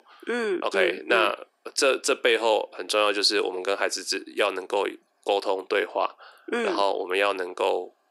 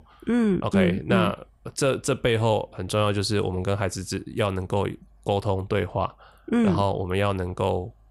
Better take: second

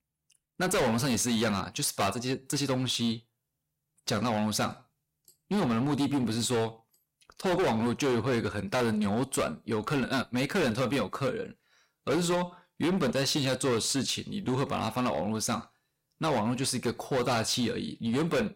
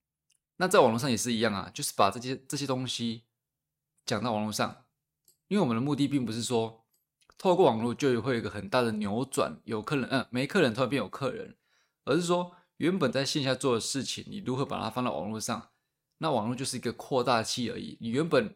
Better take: second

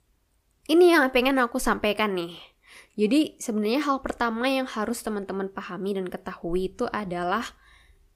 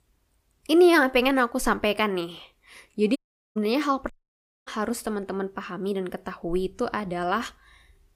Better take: first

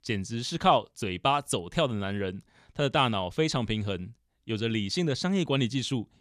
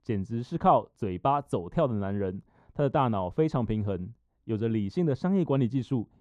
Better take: first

